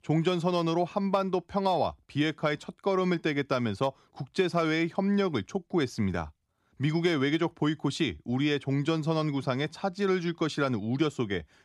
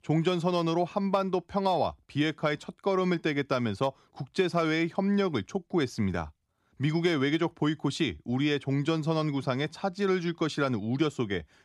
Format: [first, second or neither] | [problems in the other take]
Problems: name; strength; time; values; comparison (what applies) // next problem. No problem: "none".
neither | none